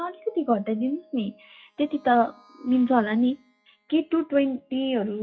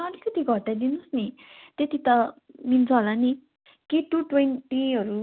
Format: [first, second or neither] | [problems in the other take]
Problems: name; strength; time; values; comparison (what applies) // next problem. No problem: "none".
second | noise reduction (classical method WPE with log-MMSE)